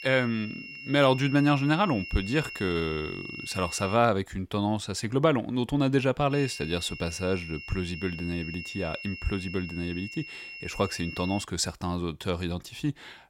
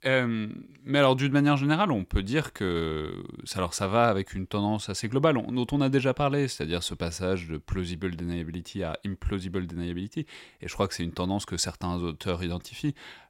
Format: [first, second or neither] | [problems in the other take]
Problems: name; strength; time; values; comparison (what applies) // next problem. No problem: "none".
second | high-pitched whine; noticeable; until 4 s and from 6.5 to 11 s; 3 kHz, 10 dB below the speech